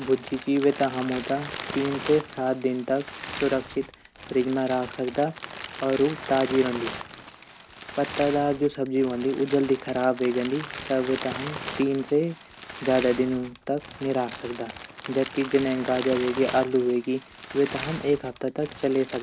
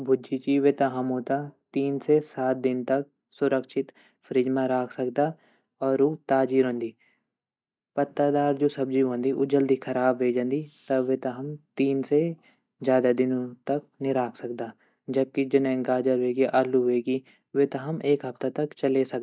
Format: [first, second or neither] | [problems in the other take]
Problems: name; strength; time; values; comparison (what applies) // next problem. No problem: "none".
second | background sound (Crumpling, crinkling); 12 dB below the speech